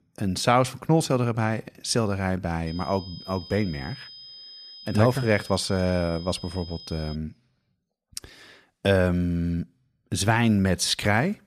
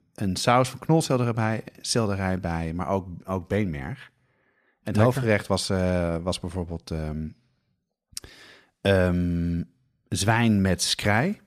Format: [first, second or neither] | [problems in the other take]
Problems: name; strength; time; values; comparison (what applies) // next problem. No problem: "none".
second | high-pitched whine; noticeable; from 2.5 to 7 s; 5 kHz, 15 dB below the speech